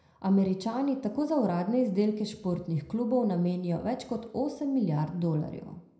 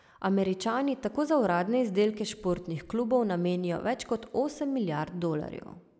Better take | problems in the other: second | room echo; dies away in 0.5 s

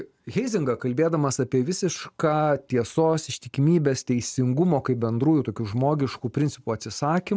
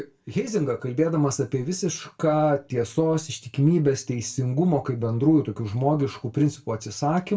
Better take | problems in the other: first | room echo; dies away in 0.2 s

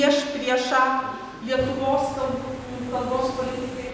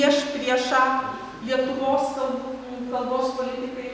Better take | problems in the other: second | background sound (Fire); 15 dB below the speech

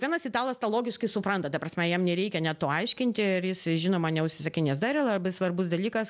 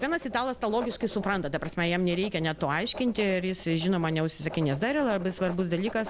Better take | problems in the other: first | background sound (Writing); 15 dB below the speech

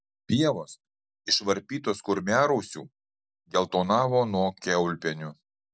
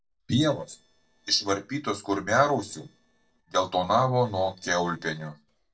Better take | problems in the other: first | noise reduction (neural separator model SepFormer DNS4)

